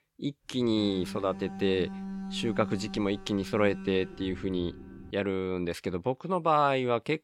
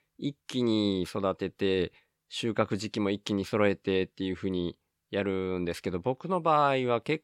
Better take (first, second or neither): second